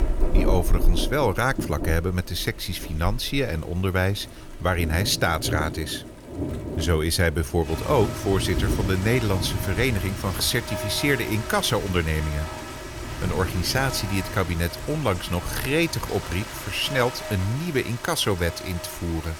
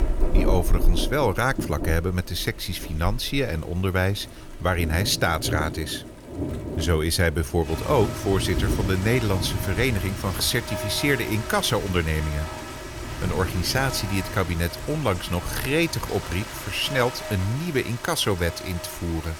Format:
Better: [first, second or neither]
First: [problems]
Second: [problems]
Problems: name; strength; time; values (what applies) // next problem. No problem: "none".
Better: neither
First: rain or running water; loud; throughout; 7 dB below the speech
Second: rain or running water; loud; throughout; 7 dB below the speech